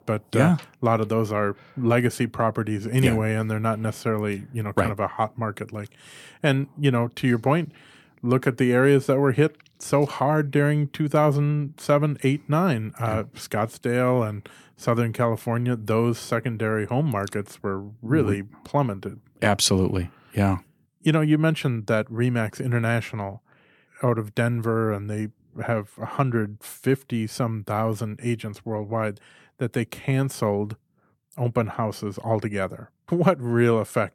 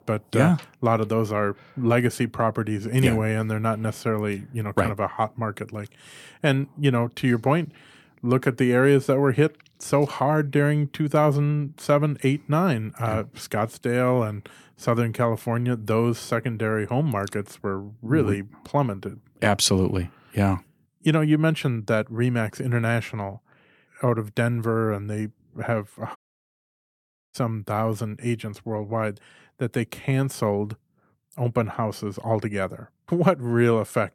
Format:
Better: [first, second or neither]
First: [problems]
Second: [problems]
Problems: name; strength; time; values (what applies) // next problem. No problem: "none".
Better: first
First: none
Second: audio cutting out; at 26 s for 1 s